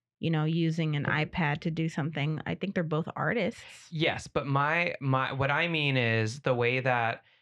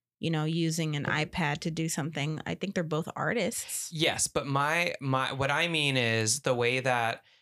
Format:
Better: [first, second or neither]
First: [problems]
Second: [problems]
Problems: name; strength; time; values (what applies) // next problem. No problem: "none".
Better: second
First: muffled; slightly; fading above 2.5 kHz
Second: none